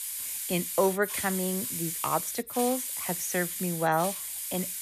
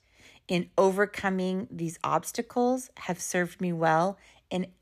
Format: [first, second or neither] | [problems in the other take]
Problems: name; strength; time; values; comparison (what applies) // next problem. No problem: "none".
second | hiss; loud; throughout; 2 dB below the speech